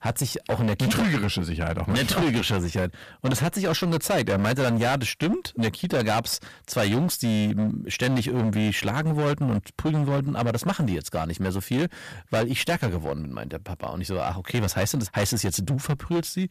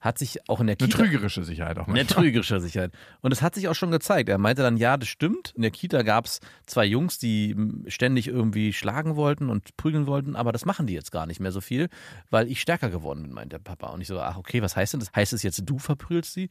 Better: second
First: distortion; heavy; 19% of the sound clipped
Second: none

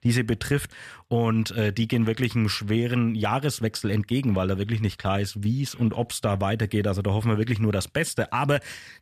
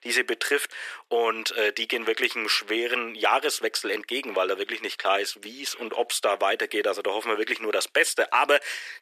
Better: first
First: none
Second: thin; very; fading below 350 Hz

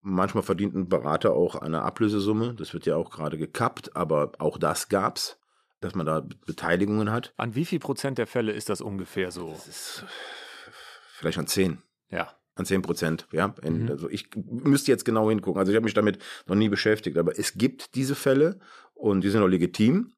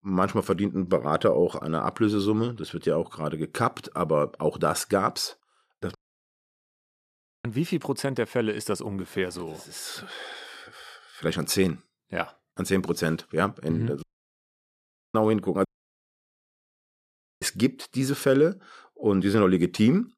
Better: first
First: none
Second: audio cutting out; at 6 s for 1.5 s, at 14 s for 1 s and at 16 s for 2 s

